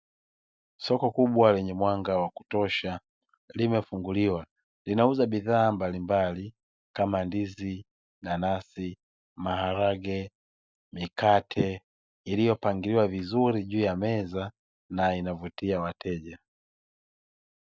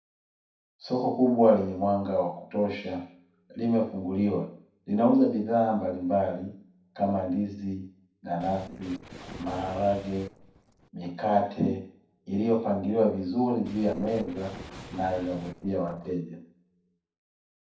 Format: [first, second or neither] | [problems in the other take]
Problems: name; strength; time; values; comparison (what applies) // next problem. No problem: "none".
first | noise reduction (neural separator model SepFormer DNS4)